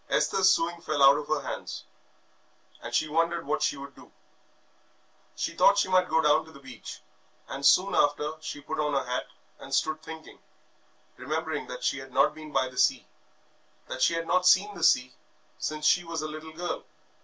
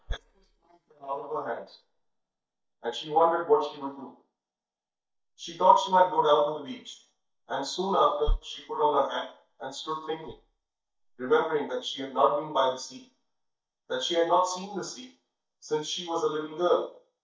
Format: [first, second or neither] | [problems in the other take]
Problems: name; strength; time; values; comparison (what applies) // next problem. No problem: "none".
first | noise reduction (neural mask model DeepFilterNet 3)